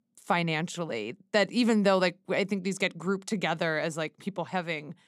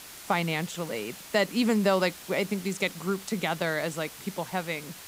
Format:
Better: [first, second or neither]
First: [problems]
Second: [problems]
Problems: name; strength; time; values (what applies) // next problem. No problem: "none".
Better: first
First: none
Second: hiss; noticeable; throughout; 15 dB below the speech